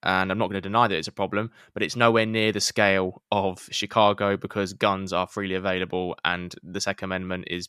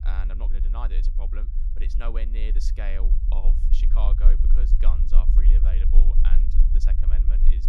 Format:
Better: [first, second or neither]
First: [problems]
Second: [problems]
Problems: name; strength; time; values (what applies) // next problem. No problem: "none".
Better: first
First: none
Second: low rumble; loud; throughout; 5 dB below the speech